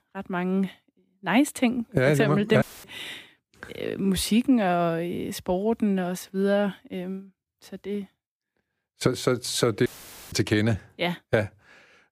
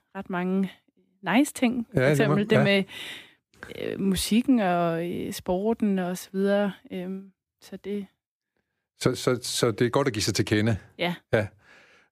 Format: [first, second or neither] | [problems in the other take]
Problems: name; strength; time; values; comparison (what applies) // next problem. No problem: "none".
second | audio cutting out; filled with static; at 2.5 s and at 10 s